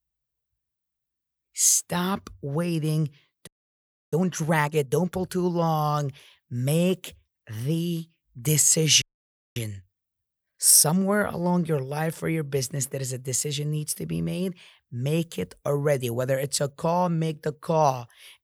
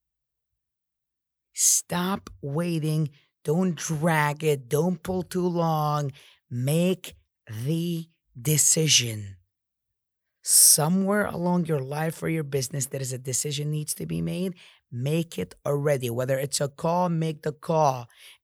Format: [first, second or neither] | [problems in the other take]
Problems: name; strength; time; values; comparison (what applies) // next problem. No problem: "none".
second | audio freezing; at 3.5 s for 0.5 s and at 9 s for 0.5 s